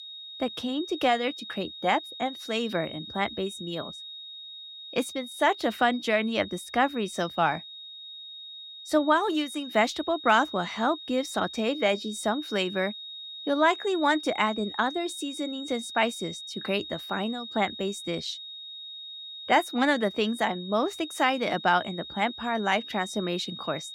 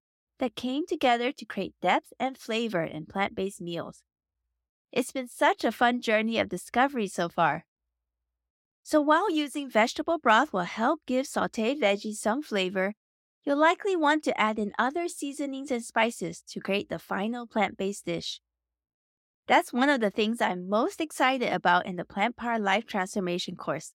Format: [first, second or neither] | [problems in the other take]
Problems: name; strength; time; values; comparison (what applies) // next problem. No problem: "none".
second | high-pitched whine; noticeable; throughout; 3.5 kHz, 10 dB below the speech